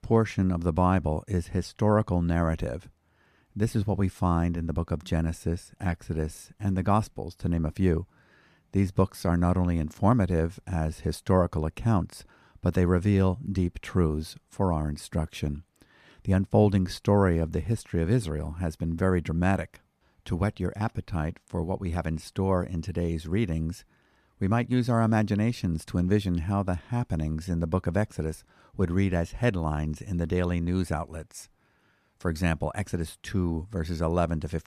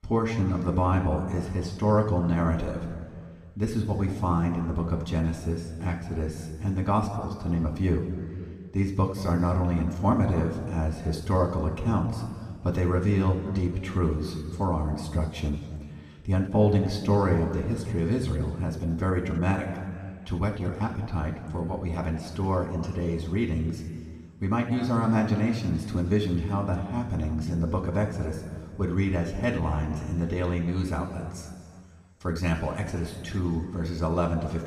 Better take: first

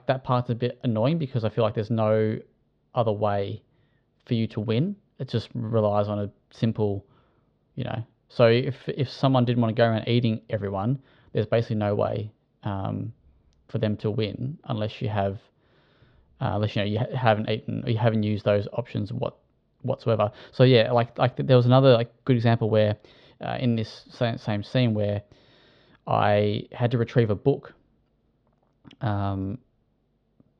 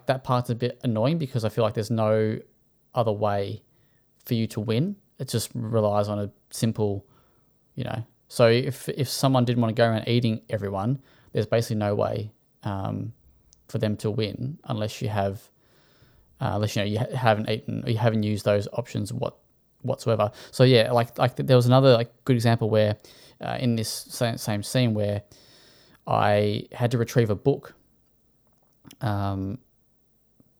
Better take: second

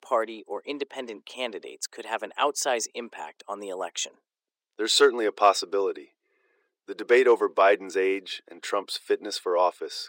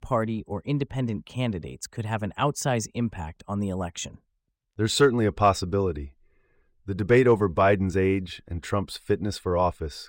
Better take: second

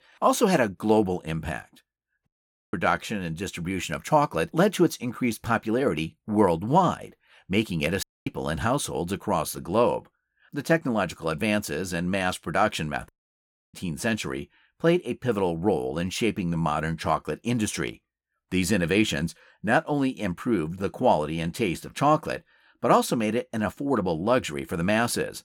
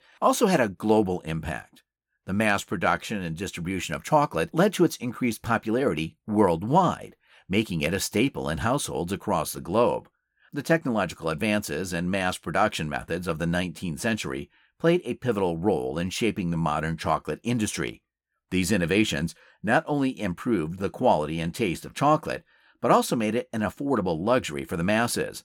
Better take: second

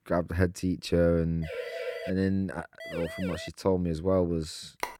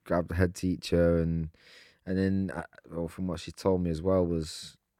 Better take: second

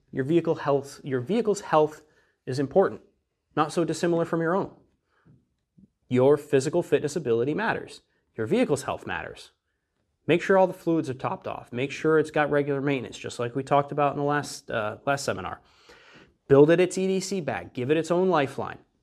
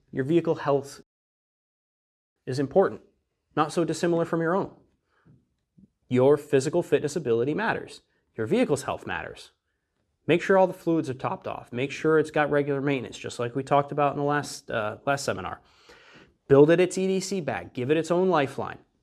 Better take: first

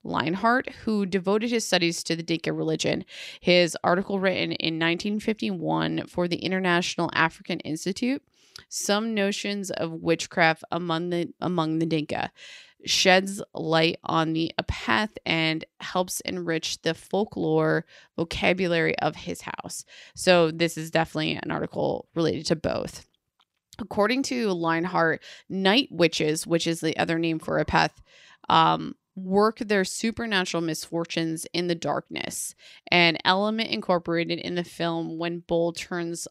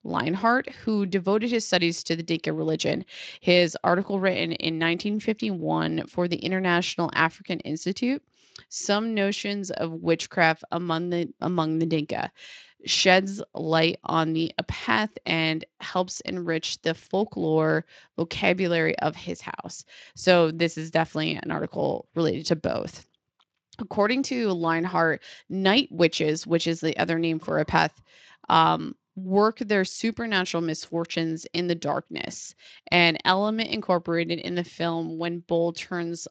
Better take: first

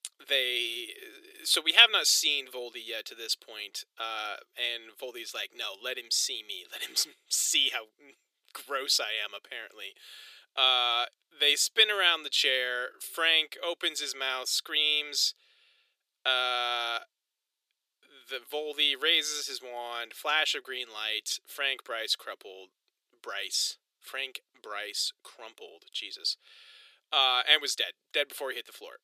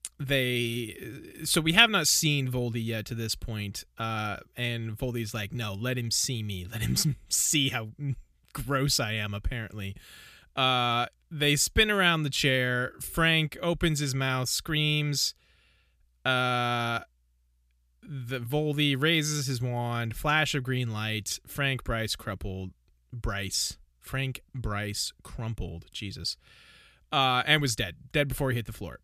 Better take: second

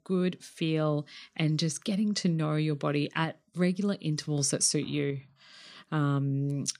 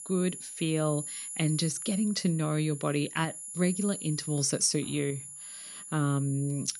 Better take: first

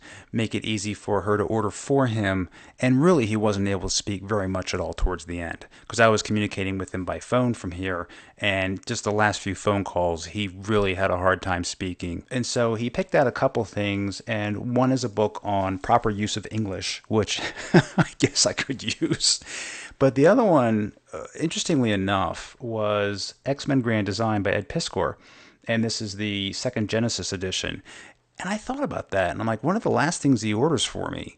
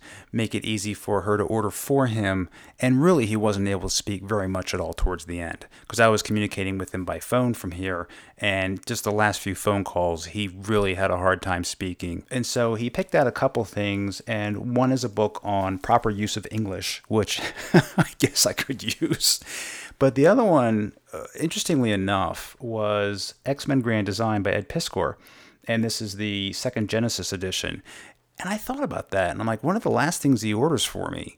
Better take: second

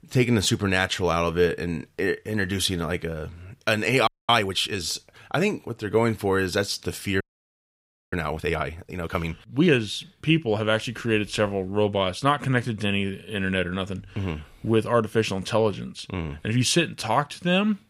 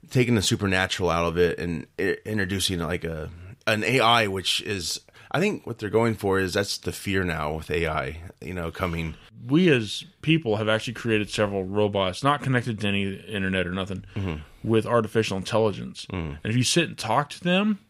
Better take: second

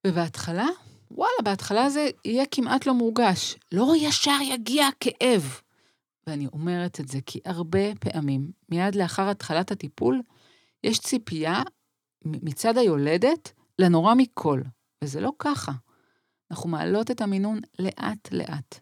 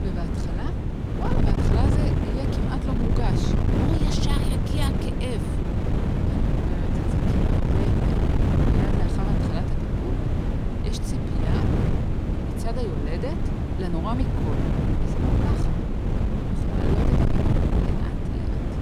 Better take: first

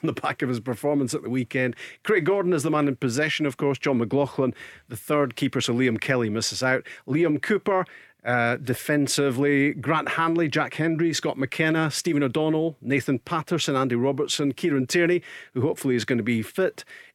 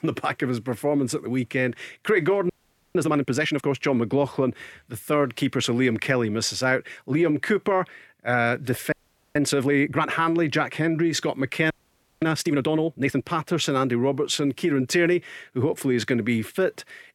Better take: first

